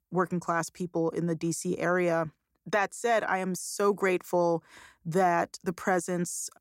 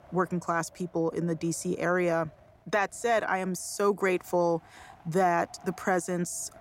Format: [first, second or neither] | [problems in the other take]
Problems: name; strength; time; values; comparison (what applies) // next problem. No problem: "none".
first | wind noise on the microphone; occasional gusts; 25 dB below the speech